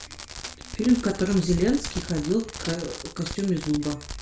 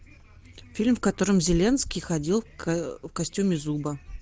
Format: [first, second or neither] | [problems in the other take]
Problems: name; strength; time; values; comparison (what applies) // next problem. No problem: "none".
second | background sound (Fireworks); 12 dB below the speech // room echo; dies away in 0.4 s